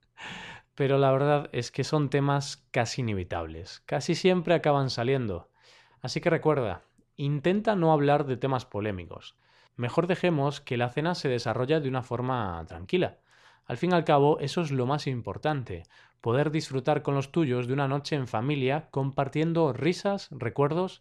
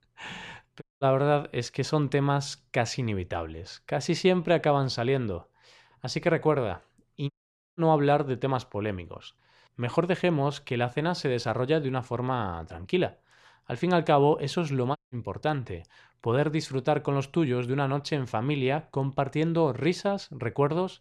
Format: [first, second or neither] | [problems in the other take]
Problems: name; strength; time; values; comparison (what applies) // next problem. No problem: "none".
first | audio cutting out; at 1 s, at 7.5 s and at 15 s